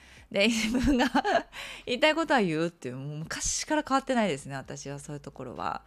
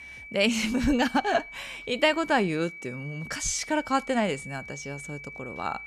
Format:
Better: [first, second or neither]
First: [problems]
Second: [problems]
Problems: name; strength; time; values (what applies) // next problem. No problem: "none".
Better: first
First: none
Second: high-pitched whine; noticeable; throughout; 2.5 kHz, 15 dB below the speech